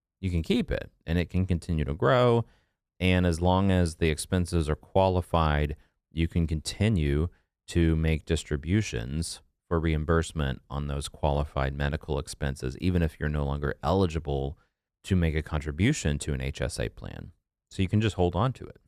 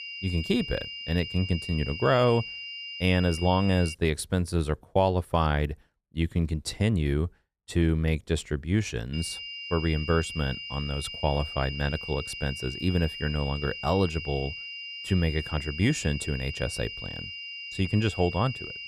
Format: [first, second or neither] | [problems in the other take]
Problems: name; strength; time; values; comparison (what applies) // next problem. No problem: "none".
first | high-pitched whine; loud; until 4 s and from 9 s on; 3 kHz, 8 dB below the speech